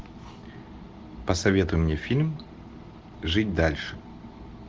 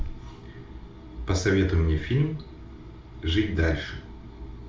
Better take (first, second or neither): first